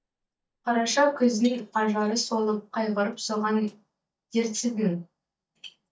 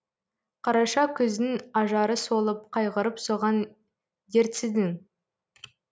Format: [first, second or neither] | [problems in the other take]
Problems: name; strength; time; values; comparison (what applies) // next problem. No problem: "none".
second | noise reduction (neural mask model DeepFilterNet 3)